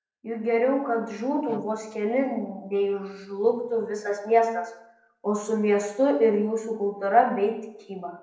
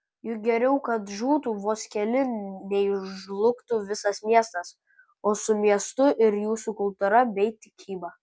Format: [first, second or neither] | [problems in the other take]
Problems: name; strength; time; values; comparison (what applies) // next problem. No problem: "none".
second | noise reduction (neural separator model SepFormer DNS4)